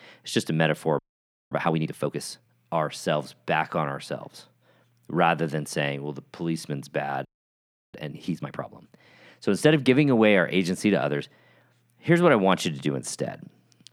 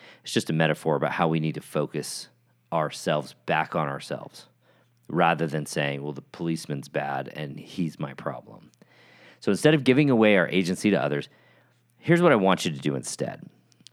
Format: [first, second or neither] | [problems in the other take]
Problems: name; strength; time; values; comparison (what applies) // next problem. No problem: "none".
second | audio freezing; at 1 s for 0.5 s and at 7.5 s for 0.5 s